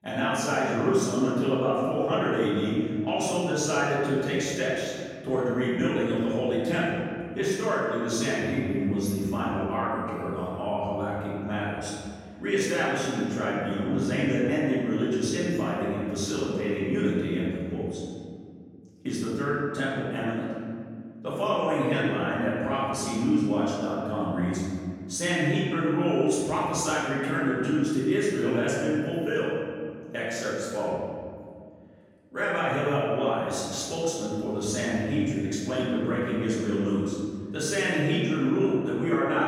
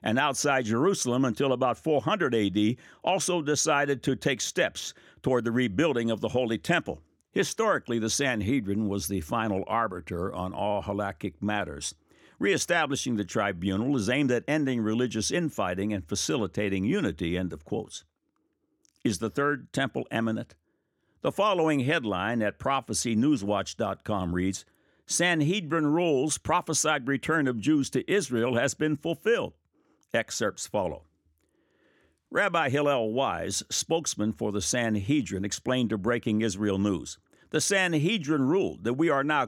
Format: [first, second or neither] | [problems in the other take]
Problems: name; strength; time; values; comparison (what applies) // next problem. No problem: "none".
second | off-mic speech; far // room echo; strong; dies away in 2.1 s